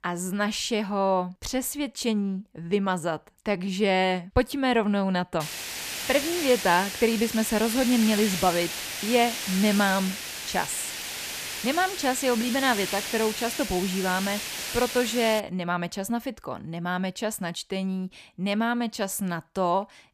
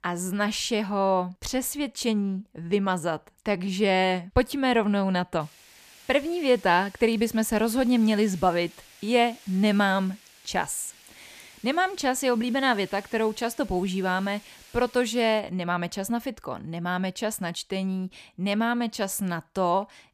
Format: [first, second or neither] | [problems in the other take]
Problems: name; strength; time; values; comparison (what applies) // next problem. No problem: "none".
second | hiss; loud; from 5.5 to 15 s; 5 dB below the speech; faint in the second